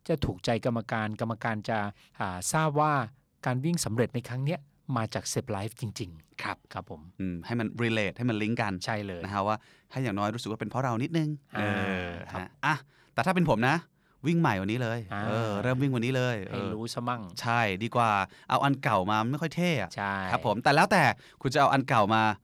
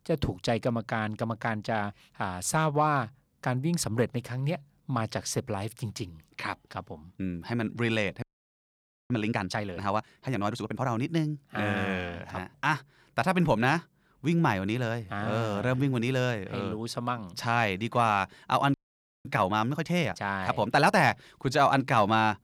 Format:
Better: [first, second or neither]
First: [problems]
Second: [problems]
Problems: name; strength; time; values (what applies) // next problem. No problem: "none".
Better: first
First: none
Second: audio freezing; at 8 s for 1 s and at 19 s for 0.5 s